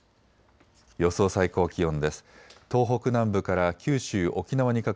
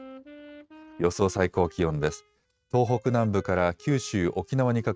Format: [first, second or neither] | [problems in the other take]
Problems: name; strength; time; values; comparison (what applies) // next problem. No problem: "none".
first | noise reduction (neural mask model RNNoise)